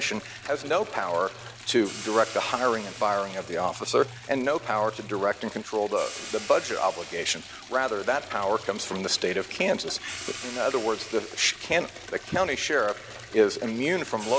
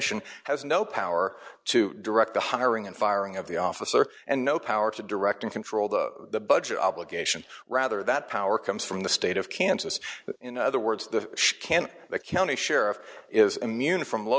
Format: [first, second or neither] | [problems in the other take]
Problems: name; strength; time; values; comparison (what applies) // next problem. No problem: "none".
second | background sound (Hi-hat + Liquid); 14 dB below the speech